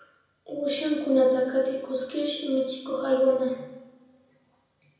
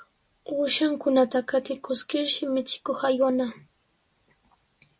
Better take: second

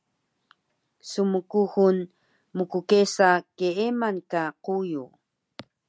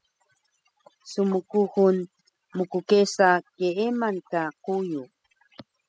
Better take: first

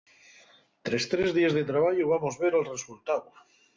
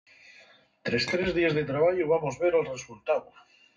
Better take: first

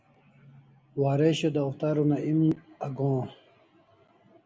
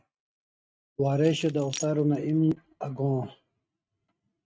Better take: first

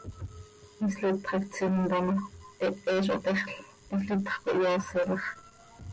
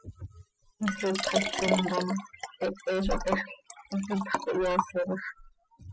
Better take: first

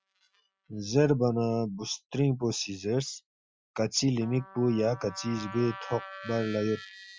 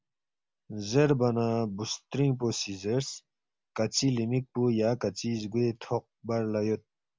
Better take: second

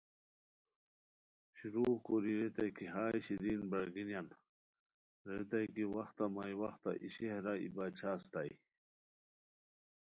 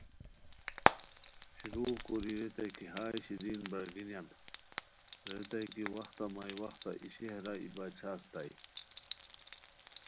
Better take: first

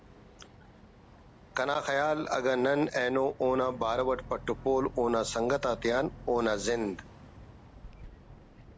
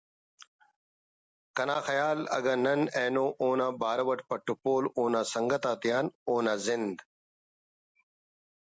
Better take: second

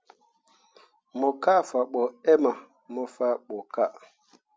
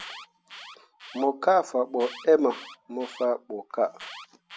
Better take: first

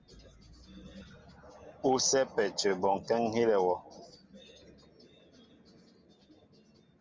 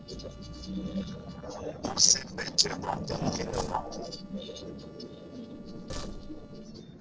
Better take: first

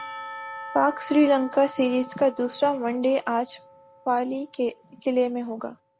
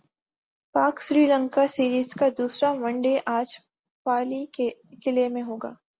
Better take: second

